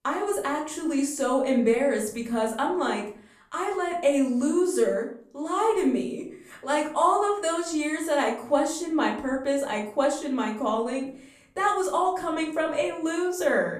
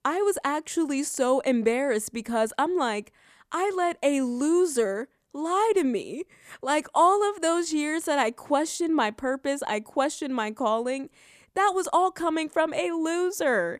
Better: second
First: room echo; slight; dies away in 0.5 s // off-mic speech; far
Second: none

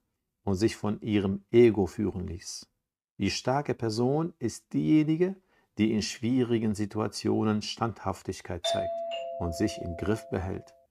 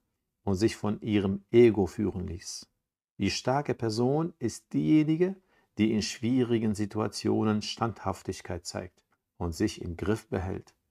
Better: second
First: doorbell; noticeable; from 8.5 to 10 s; peak 1 dB below the speech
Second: none

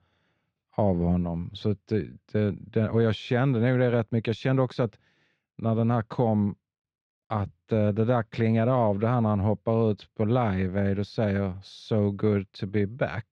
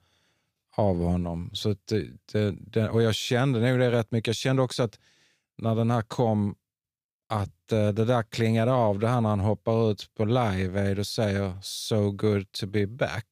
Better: second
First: muffled; slightly; fading above 2.5 kHz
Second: none

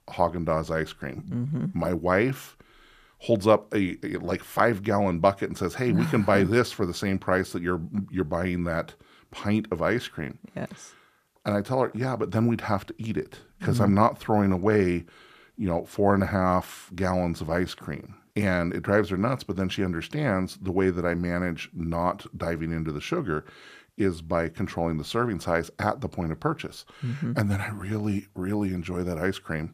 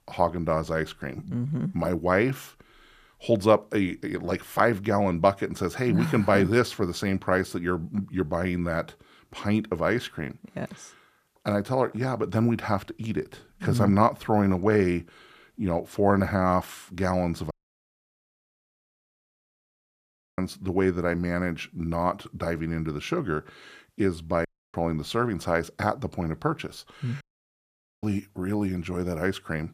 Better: first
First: none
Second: audio cutting out; at 18 s for 3 s, at 24 s and at 27 s for 1 s

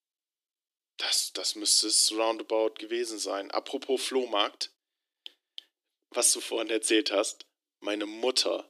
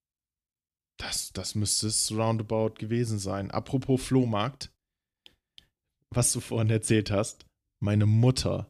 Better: second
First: thin; very; fading below 300 Hz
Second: none

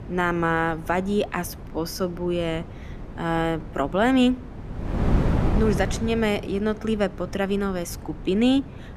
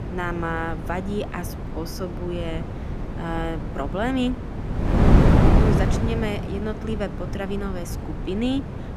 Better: first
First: wind noise on the microphone; occasional gusts; 10 dB below the speech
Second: wind noise on the microphone; heavy; 1 dB below the speech

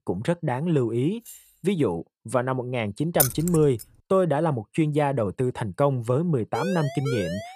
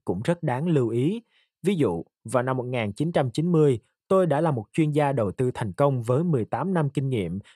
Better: second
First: jangling keys; faint; at 1 s; peak 20 dB below the speech // jangling keys; loud; at 3 s; peak 2 dB above the speech // siren; noticeable; from 6.5 s on; peak 7 dB below the speech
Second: none

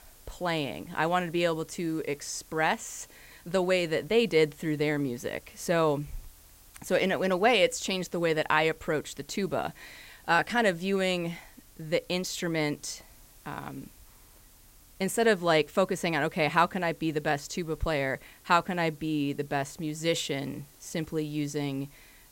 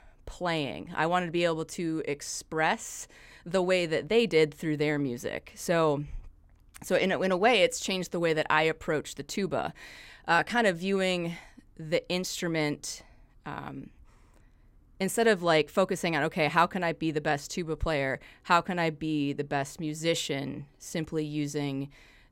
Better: second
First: hiss; faint; throughout; 25 dB below the speech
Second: none

